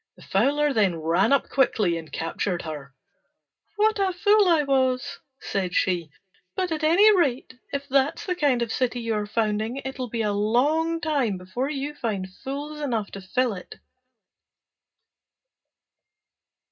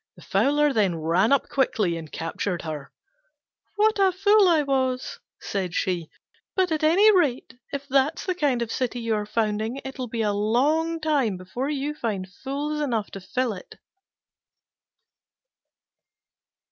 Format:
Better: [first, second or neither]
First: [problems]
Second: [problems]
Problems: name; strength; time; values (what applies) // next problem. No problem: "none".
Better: second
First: room echo; dies away in 0.2 s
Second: none